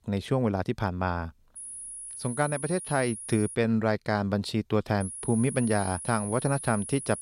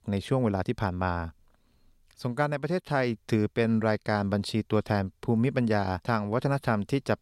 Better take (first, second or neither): second